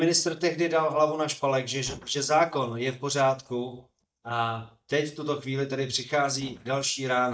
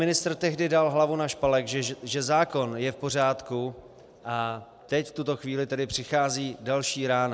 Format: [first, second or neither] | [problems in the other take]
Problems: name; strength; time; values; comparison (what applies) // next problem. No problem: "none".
second | noise reduction (neural mask model DeepFilterNet 3)